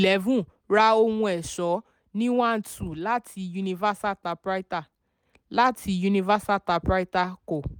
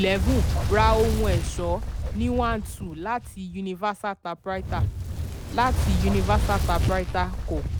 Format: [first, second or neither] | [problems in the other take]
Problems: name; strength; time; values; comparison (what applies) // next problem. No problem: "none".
first | background sound (Fire); 1 dB above the speech